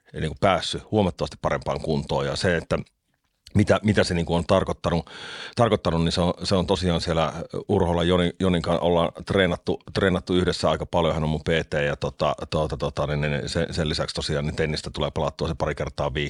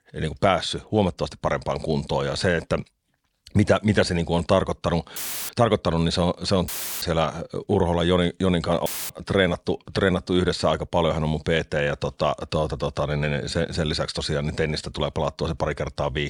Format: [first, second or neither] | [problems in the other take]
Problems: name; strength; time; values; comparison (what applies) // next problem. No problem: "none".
first | audio cutting out; filled with static; at 5 s, at 6.5 s and at 9 s